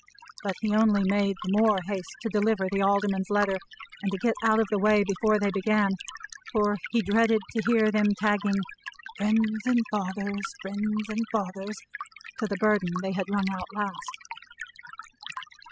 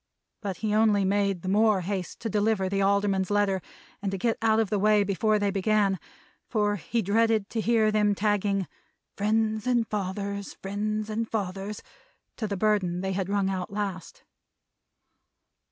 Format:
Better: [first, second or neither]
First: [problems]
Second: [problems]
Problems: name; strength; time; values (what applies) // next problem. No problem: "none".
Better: second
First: noise reduction (classical method spectral subtraction)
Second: none